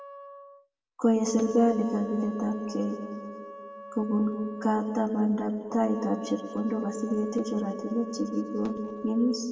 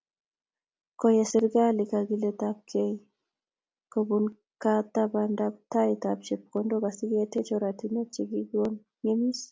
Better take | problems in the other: second | background sound (Wind instrument, woodwind instrument); 16 dB below the speech // room echo; dies away in 1.9 s

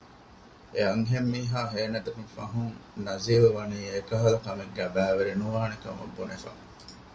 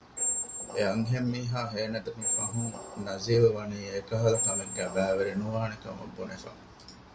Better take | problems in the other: first | background sound (Squeak); 4 dB below the speech

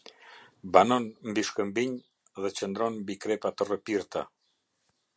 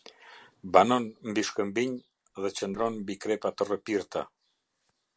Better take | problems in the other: first | noise reduction (neural separator model SepFormer DNS4)

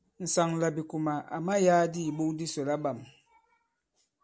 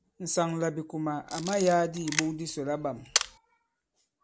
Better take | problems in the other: first | background sound (Camera); 4 dB below the speech

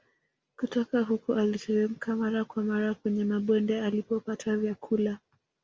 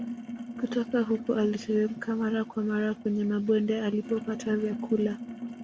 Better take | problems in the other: first | background sound (Sink (filling or washing)); 11 dB below the speech

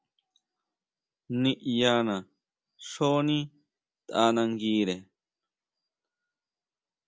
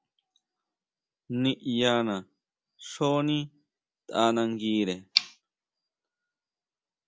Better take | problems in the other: first | background sound (Tick); 11 dB below the speech

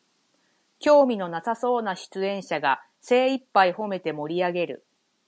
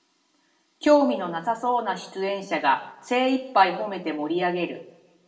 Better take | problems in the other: first | room echo; dies away in 0.6 s

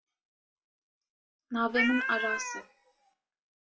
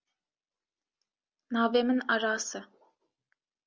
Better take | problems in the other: second | noise reduction (classical method WPE with log-MMSE)

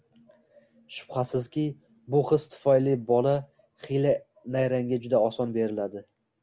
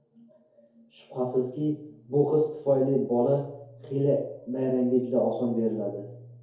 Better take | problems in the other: first | room echo; dies away in 2.3 s

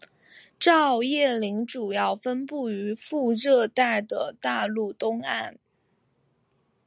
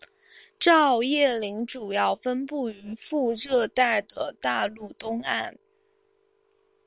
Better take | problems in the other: first | noise reduction (neural separator model SepFormer WHAM!)

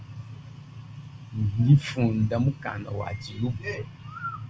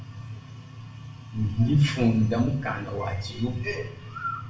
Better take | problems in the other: first | room echo; dies away in 0.7 s

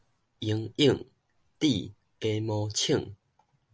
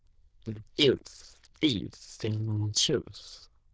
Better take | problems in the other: first | noise reduction (neural diffusion model UNIVERSE++)

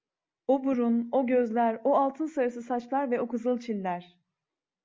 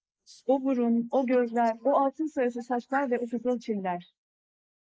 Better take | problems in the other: first | noise reduction (neural mask model Resemble Enhance denoiser)

